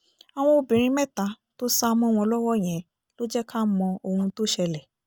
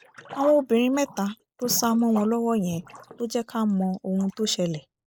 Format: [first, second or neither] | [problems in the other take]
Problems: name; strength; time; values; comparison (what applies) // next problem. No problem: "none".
first | noise reduction (neural mask model Resemble Enhance denoiser)